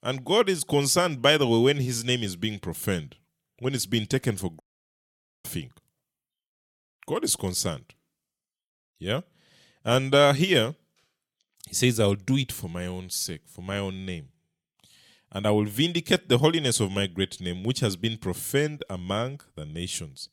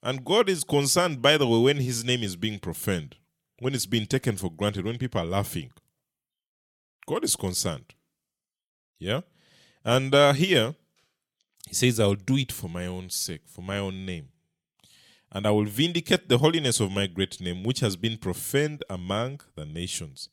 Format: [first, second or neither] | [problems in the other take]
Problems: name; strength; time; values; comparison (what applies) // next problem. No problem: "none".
second | audio cutting out; at 4.5 s for 1 s